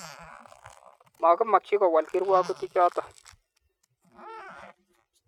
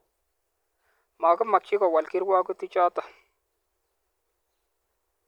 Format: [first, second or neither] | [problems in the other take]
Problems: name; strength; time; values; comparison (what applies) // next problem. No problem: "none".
second | noise reduction (neural mask model RNNoise)